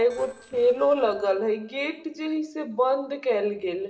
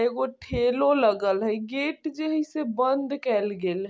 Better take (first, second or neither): second